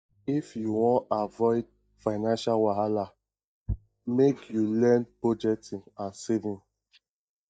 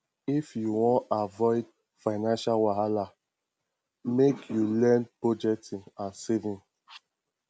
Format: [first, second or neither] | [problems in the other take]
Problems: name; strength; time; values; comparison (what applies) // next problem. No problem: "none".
second | noise reduction (neural mask model DeepFilterNet 3)